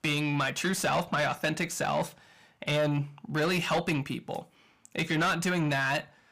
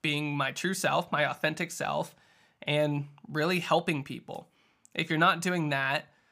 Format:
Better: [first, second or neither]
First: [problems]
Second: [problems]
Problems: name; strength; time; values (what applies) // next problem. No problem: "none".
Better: second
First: distortion; heavy; 7 dB below the speech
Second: none